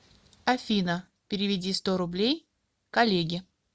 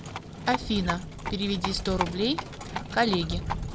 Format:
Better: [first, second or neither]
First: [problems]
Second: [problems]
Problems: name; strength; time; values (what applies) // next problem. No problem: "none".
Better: first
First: none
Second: background sound (Livestock, farm animals, working animals); 4 dB below the speech